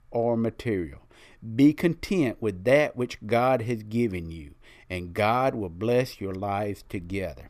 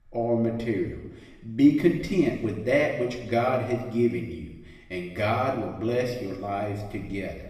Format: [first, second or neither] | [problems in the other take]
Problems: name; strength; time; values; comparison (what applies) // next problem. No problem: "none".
first | room echo; noticeable; dies away in 1.1 s // off-mic speech; far